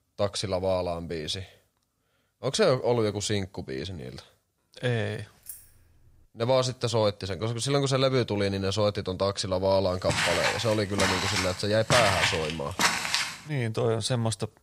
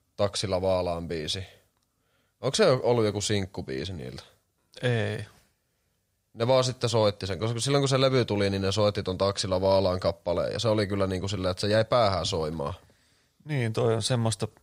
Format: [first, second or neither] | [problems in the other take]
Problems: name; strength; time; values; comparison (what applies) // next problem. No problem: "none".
second | jangling keys; faint; at 5.5 s; peak 15 dB below the speech // footsteps; loud; from 10 to 13 s; peak 5 dB above the speech